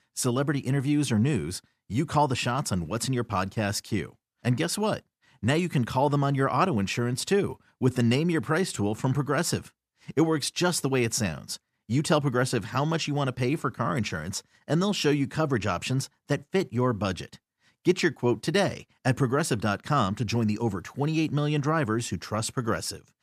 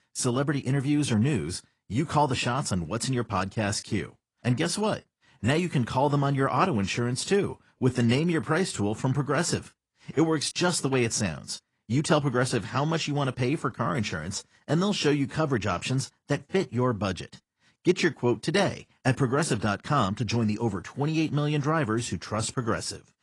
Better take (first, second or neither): first